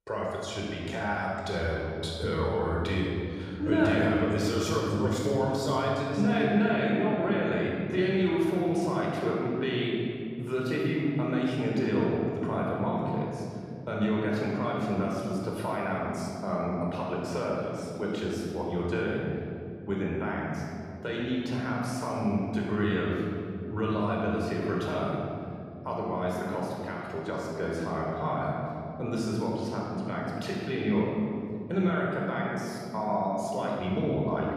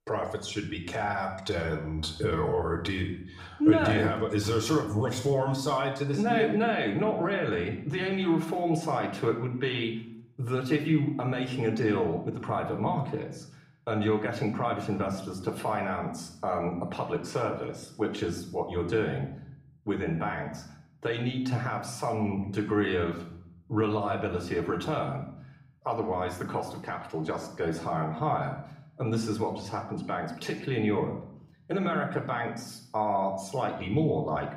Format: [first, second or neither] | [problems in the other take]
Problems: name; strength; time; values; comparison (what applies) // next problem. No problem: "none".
second | room echo; strong; dies away in 3 s; slight in the second // off-mic speech; far; somewhat distant in the second